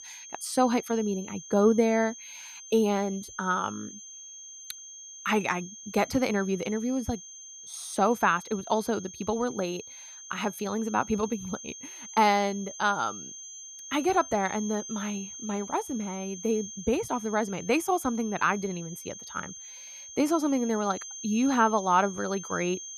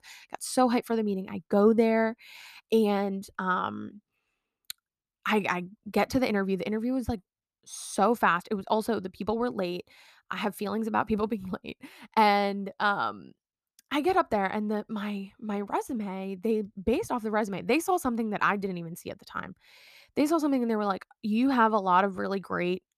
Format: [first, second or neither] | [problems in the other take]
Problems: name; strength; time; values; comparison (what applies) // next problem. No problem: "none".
second | high-pitched whine; noticeable; throughout; 6.5 kHz, 15 dB below the speech